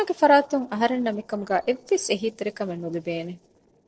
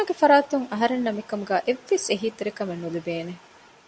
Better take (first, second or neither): second